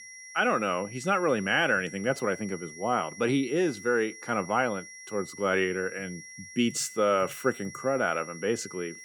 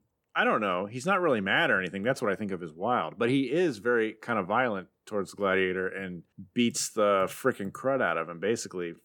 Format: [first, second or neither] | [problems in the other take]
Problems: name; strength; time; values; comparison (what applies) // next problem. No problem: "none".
second | high-pitched whine; noticeable; throughout; 2 kHz, 15 dB below the speech